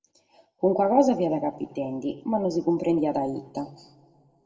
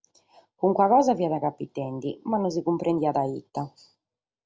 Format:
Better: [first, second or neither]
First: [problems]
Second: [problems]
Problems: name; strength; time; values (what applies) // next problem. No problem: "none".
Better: second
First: room echo; dies away in 1.3 s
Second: none